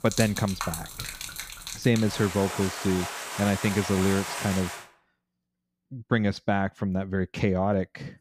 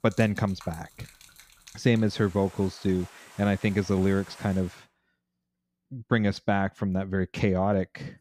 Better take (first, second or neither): second